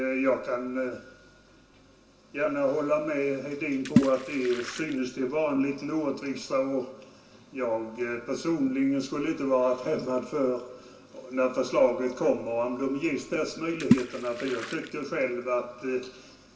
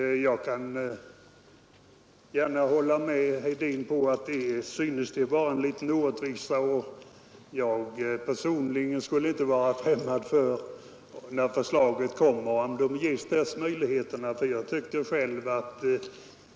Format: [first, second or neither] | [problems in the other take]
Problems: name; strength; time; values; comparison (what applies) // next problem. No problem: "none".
second | background sound (Water / Splash, splatter); 2 dB below the speech // room echo; dies away in 0.3 s